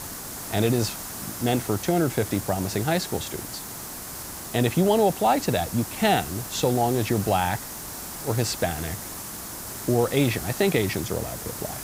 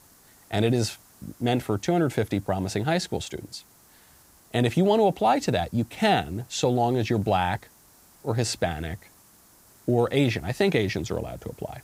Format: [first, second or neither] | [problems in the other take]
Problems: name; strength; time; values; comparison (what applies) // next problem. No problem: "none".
second | hiss; loud; throughout; 9 dB below the speech; faint in the second